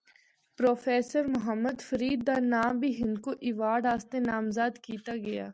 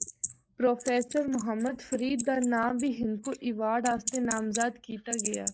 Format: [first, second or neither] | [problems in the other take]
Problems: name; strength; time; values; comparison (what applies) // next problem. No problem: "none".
first | noise reduction (neural mask model Resemble Enhance denoiser)